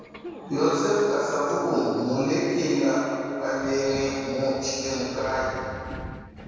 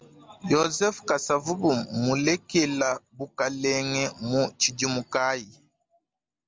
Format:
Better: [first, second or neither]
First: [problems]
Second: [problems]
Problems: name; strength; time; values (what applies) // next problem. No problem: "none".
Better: second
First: background sound (Subway, metro, underground); 16 dB below the speech // room echo; dies away in 2.2 s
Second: none